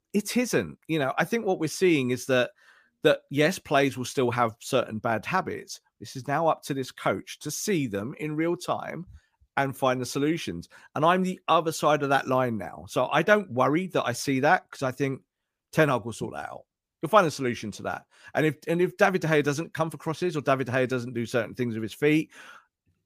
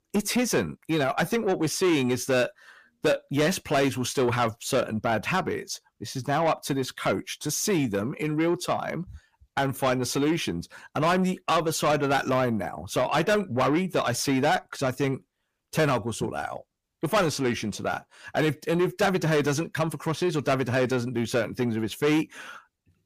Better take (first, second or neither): first